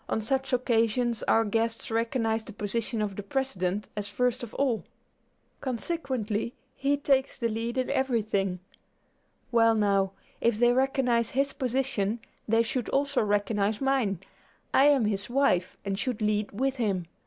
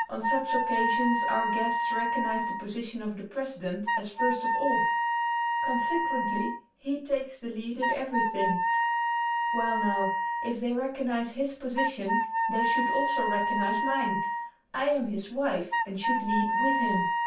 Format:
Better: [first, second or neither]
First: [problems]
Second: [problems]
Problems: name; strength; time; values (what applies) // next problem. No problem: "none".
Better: first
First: none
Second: background sound (Wind instrument, woodwind instrument); 3 dB above the speech // room echo; dies away in 0.3 s